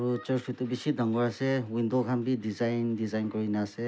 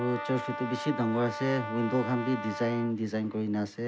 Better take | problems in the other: first | background sound (Brass instrument); 9 dB below the speech

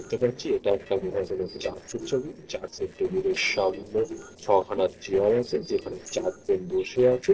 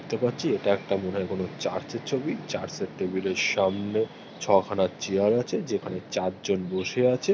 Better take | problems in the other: second | noise reduction (neural separator model SepFormer DNS4)

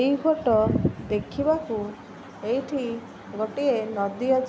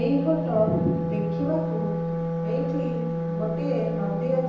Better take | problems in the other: first | background sound (Wind instrument, woodwind instrument); as loud as the speech // room echo; dies away in 0.9 s

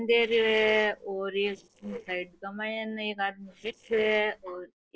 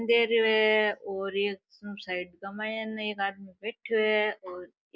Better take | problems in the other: second | noise reduction (neural separator model SepFormer DNS4)

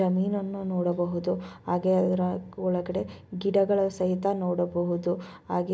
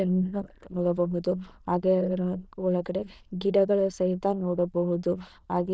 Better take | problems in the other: first | noise reduction (neural diffusion model UNIVERSE++)

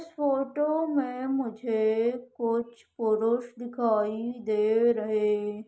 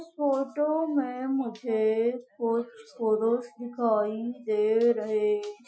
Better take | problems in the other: first | noise reduction (classical method Wiener filter)

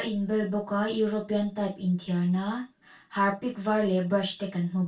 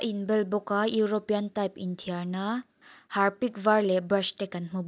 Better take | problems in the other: second | room echo; dies away in 0.2 s

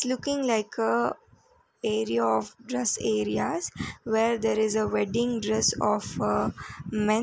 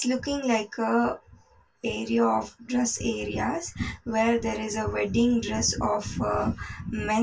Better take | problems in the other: first | room echo; dies away in 0.1 s

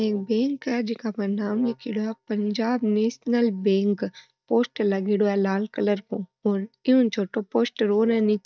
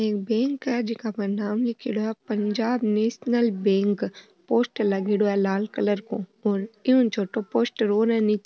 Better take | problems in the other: second | noise reduction (neural mask model DeepFilterNet 3)

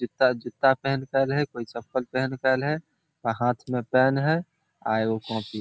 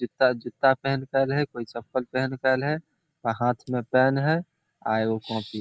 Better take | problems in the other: first | noise reduction (neural mask model Resemble Enhance denoiser)

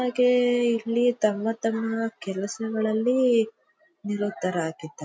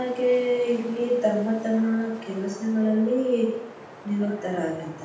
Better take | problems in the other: first | background sound (Wind); 18 dB below the speech // room echo; dies away in 0.8 s

